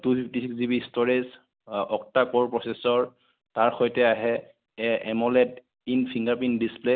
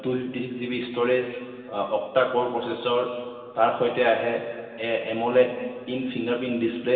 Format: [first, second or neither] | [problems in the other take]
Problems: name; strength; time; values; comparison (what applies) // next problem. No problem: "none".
first | room echo; dies away in 2.4 s